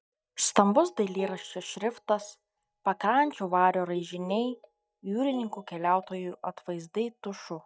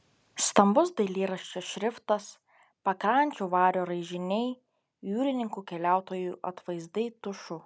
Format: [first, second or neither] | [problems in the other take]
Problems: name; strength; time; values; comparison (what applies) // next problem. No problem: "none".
second | noise reduction (neural mask model DeepFilterNet 3)